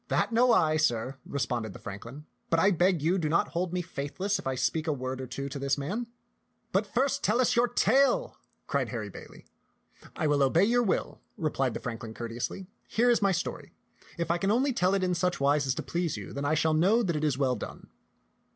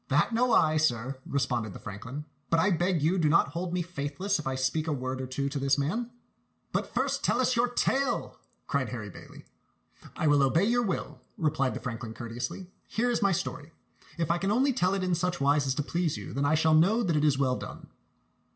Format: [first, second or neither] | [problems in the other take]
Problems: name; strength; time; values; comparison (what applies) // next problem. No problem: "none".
first | room echo; dies away in 0.4 s